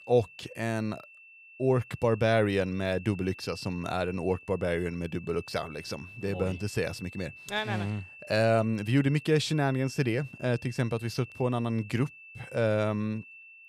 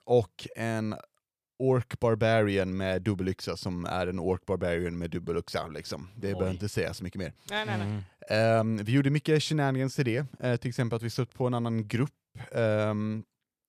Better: second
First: high-pitched whine; noticeable; throughout; 2.5 kHz, 20 dB below the speech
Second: none

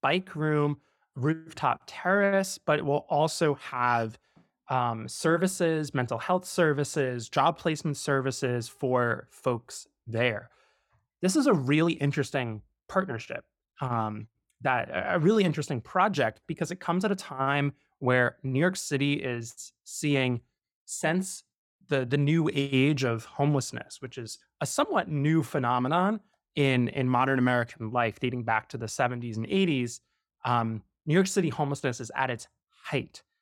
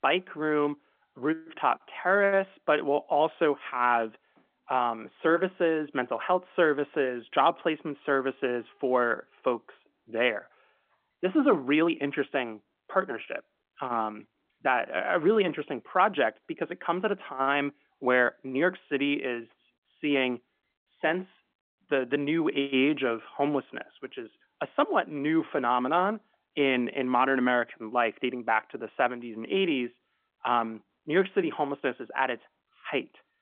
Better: first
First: none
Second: phone-call audio; nothing above 3.5 kHz

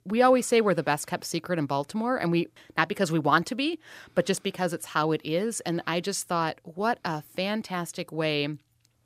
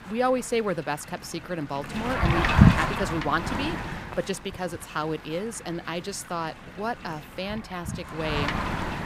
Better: first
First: none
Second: wind noise on the microphone; heavy; 3 dB above the speech

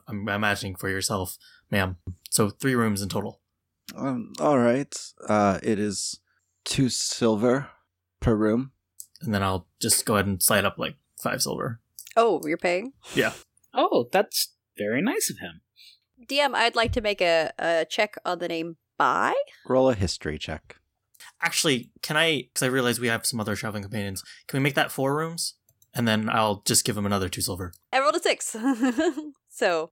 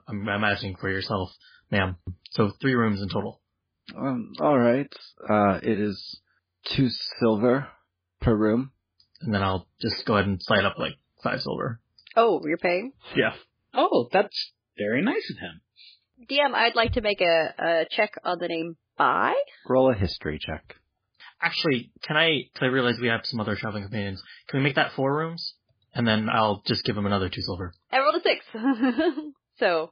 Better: first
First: none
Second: garbled, watery; badly; nothing above 5 kHz

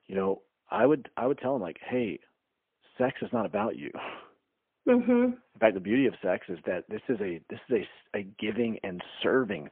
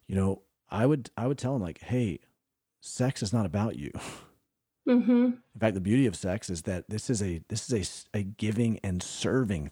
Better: second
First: phone-call audio; poor line; nothing above 3 kHz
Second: none

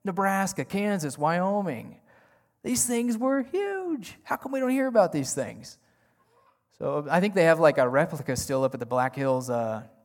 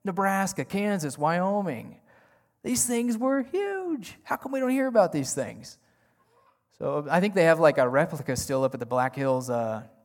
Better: neither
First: none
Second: none

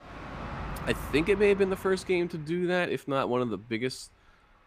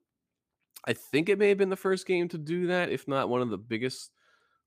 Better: second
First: train or aircraft noise; noticeable; throughout; 10 dB below the speech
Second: none

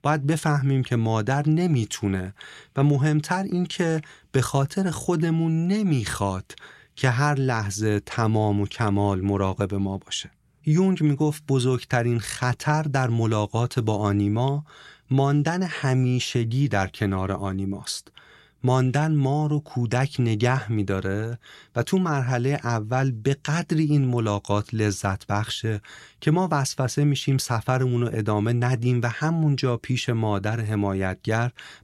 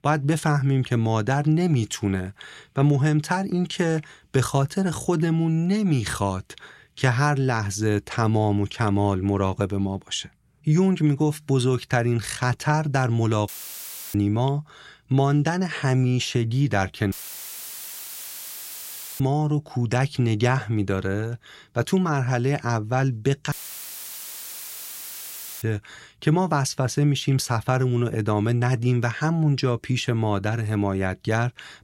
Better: first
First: none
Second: audio cutting out; filled with static; at 13 s for 0.5 s, at 17 s for 2 s and at 24 s for 2 s

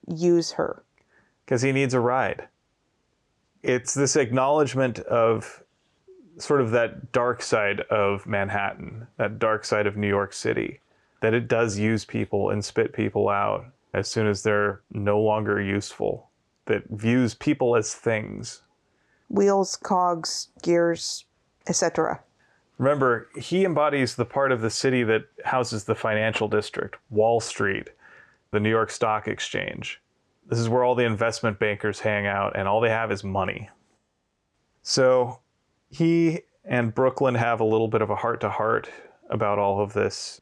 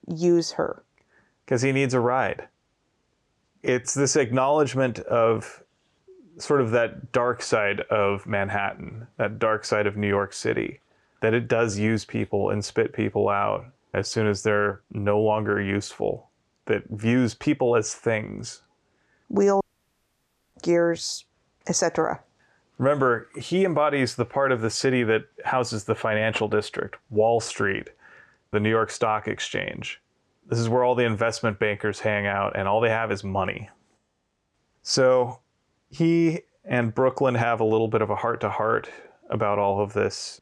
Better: first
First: none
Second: audio cutting out; at 20 s for 1 s

